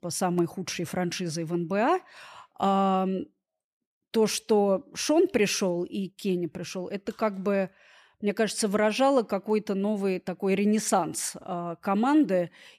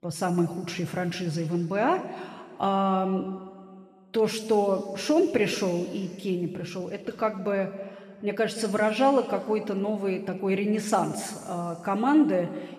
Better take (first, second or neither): first